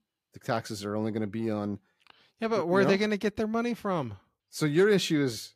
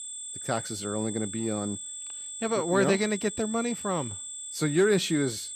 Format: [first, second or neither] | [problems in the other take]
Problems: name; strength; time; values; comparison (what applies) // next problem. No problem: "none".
first | high-pitched whine; loud; throughout; 8 kHz, 7 dB below the speech